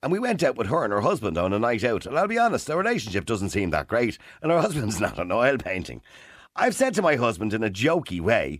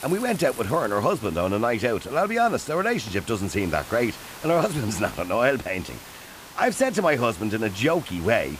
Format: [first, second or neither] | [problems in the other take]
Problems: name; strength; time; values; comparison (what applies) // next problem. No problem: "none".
first | hiss; noticeable; throughout; 15 dB below the speech